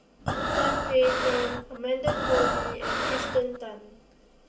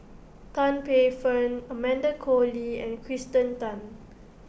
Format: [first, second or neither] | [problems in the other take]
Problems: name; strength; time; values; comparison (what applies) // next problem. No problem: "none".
second | background sound (Breathing); 1 dB above the speech // room echo; dies away in 0.2 s